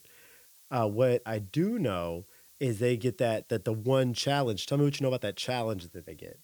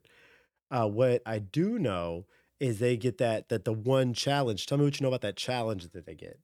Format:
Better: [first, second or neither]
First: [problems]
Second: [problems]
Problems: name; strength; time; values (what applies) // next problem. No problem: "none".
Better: second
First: hiss; faint; throughout; 25 dB below the speech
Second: none